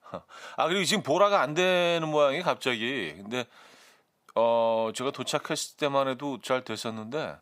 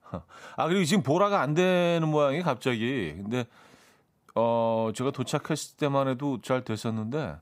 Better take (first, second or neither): second